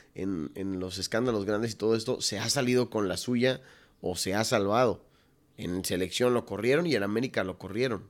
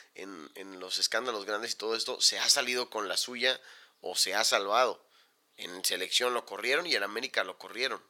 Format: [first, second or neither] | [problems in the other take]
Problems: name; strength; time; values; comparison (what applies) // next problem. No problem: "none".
first | thin; very; fading below 750 Hz